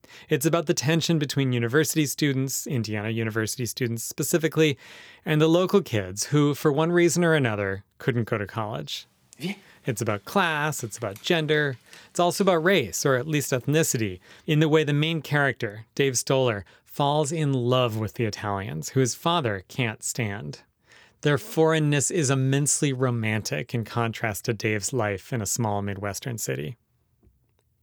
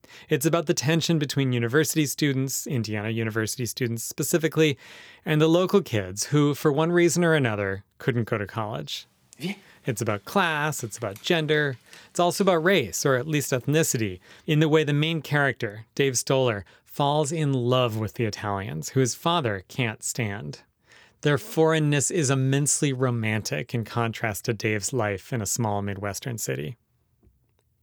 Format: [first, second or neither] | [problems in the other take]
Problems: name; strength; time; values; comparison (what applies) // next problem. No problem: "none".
neither | dog barking; noticeable; from 9.5 to 12 s; peak 10 dB below the speech; the same in both